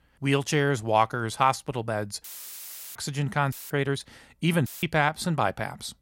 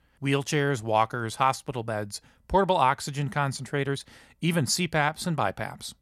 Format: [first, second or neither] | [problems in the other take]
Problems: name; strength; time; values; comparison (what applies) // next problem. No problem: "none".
second | audio cutting out; filled with static; at 2 s for 0.5 s, at 3.5 s and at 4.5 s